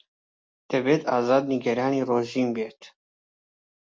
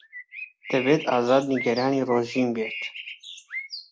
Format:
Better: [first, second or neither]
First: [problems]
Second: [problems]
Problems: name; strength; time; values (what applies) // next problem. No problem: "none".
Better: first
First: none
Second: background sound (Bird); 12 dB below the speech